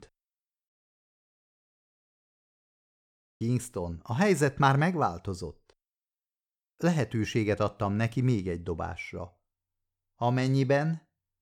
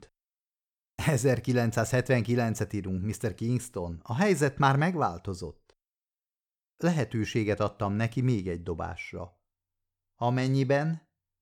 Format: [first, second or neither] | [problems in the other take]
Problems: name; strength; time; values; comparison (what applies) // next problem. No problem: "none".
second | audio cutting out; at 0.5 s for 2.5 s